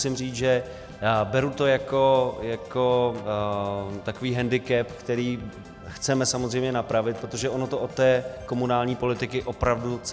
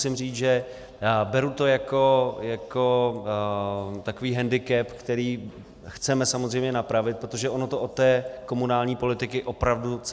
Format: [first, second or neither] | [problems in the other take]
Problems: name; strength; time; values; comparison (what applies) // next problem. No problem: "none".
second | background sound (Organ); 20 dB below the speech